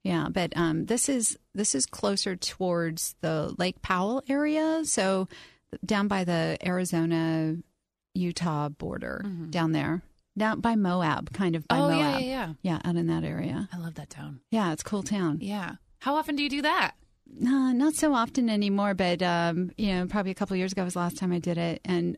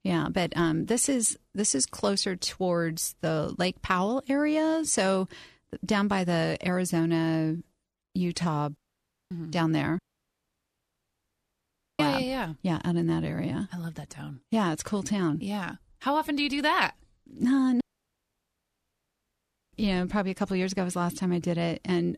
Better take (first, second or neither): first